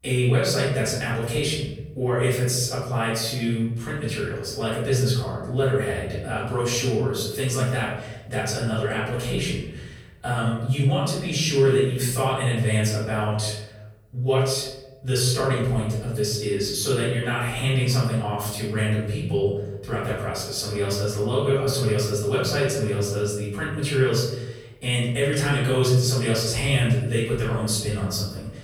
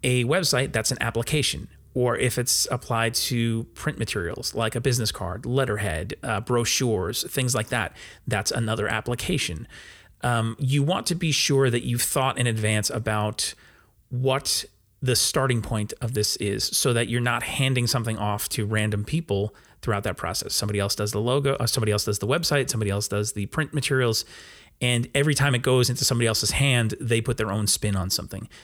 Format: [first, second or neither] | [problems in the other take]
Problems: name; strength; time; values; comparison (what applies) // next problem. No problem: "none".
second | off-mic speech; far // room echo; noticeable; dies away in 0.9 s